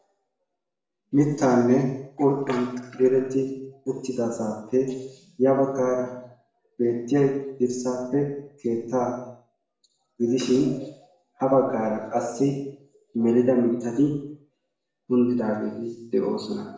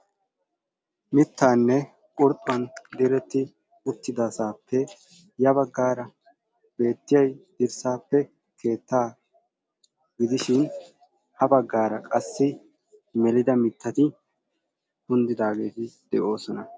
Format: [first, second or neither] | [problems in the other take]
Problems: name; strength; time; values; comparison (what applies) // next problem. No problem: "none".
second | room echo; dies away in 0.7 s